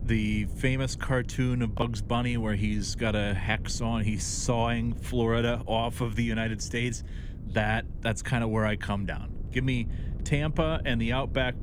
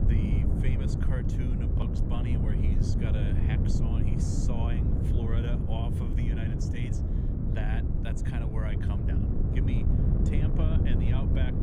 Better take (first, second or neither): first